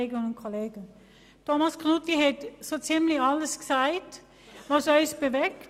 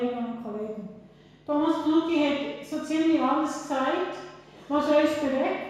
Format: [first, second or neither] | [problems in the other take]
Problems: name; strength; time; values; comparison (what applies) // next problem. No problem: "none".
first | room echo; dies away in 1.1 s